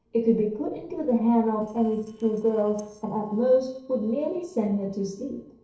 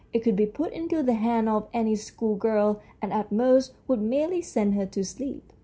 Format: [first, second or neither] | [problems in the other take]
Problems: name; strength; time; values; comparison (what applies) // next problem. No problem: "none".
second | noise reduction (neural separator model SepFormer DNS4)